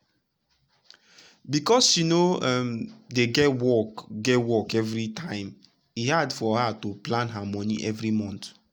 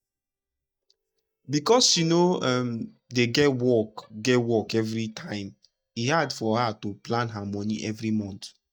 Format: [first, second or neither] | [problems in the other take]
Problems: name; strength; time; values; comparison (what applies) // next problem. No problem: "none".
first | noise reduction (neural mask model DeepFilterNet 3)